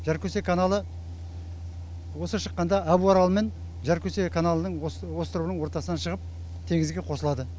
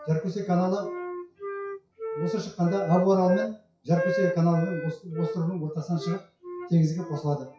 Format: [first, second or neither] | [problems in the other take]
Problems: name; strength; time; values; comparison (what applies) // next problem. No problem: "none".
first | noise reduction (classical method WPE with log-MMSE)